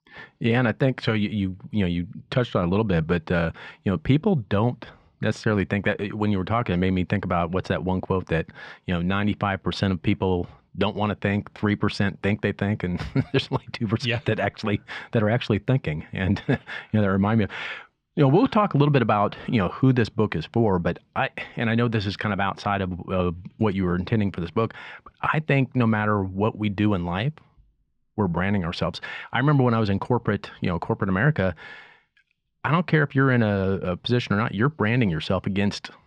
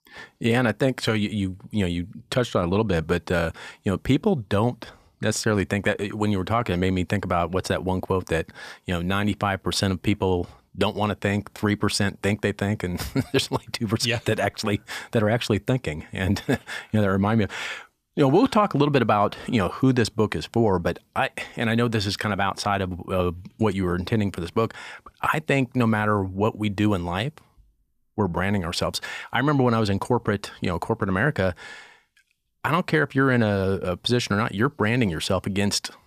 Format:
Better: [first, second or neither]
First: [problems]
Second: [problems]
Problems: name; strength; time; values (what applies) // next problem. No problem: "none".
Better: second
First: muffled; slightly; fading above 3 kHz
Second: none